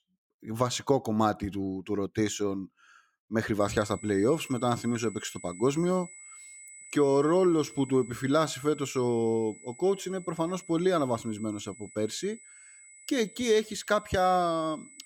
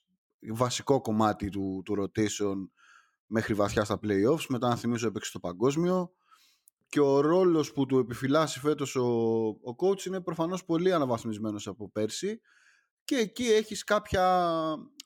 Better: second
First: high-pitched whine; noticeable; from 3.5 s on; 8 kHz, 20 dB below the speech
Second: none

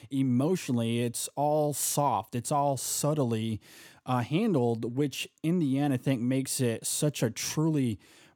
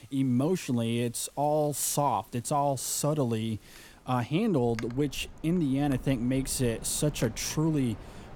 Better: first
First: none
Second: wind in the background; faint; throughout; 20 dB below the speech

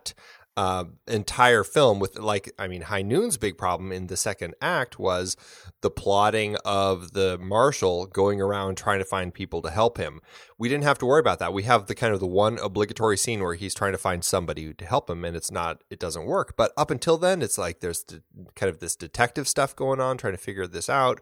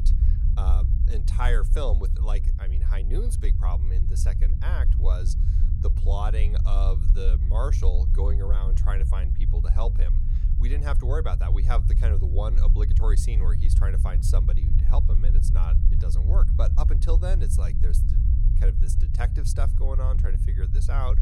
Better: first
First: none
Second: low rumble; loud; throughout; 6 dB below the speech

